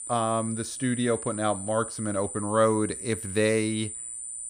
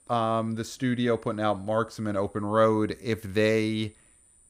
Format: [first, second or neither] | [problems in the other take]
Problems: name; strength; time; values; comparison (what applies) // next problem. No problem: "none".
second | high-pitched whine; loud; throughout; 9 kHz, 7 dB below the speech; faint in the second